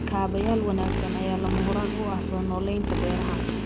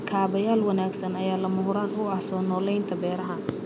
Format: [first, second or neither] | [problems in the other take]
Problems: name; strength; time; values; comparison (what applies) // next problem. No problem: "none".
second | background sound (Motorcycle); 1 dB below the speech